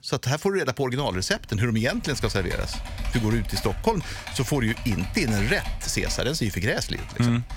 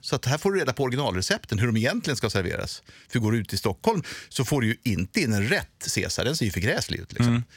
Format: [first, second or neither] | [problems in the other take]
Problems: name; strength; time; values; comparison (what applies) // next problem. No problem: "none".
second | keyboard typing; noticeable; from 1 s on; peak 7 dB below the speech